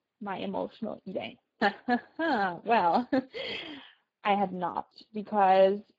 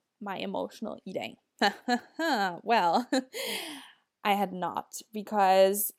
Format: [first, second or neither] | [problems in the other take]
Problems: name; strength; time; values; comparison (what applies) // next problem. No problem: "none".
second | garbled, watery; badly